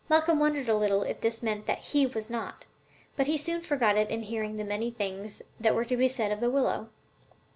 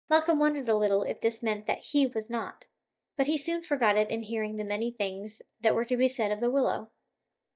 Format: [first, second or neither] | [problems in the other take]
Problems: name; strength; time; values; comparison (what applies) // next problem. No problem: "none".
first | noise reduction (neural mask model DeepFilterNet 3)